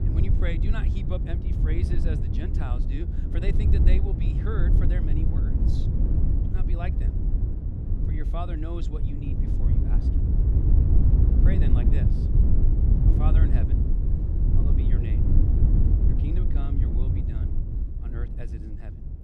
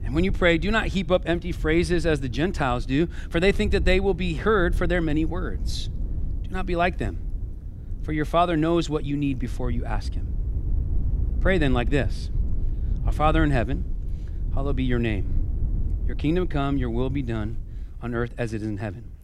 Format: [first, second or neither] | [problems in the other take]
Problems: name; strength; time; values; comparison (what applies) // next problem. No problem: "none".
second | wind noise on the microphone; heavy; 2 dB above the speech; occasional gusts in the second